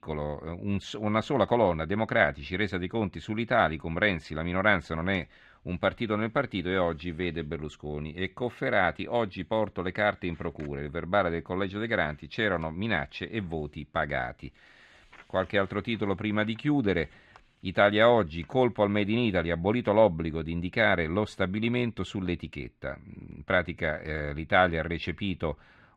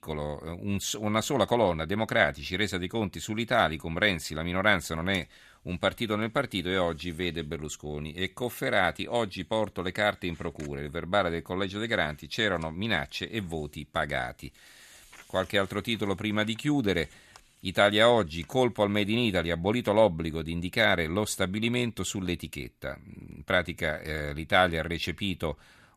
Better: second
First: muffled; slightly; fading above 2.5 kHz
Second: none

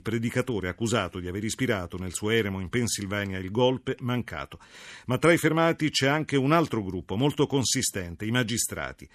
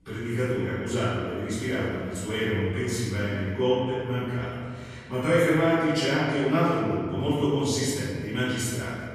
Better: first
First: none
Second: room echo; strong; dies away in 1.9 s // off-mic speech; far

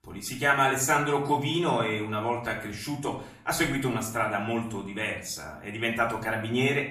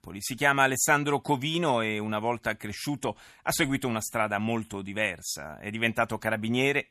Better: second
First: room echo; slight; dies away in 0.5 s // off-mic speech; far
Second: none

